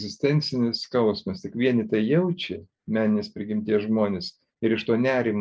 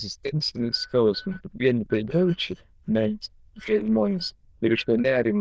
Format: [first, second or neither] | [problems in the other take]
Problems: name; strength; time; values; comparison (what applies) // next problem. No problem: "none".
first | noise reduction (neural diffusion model UNIVERSE++)